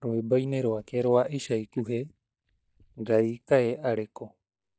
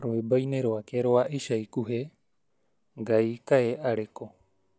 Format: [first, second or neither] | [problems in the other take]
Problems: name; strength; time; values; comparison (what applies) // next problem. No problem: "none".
second | noise reduction (neural mask model DeepFilterNet 3)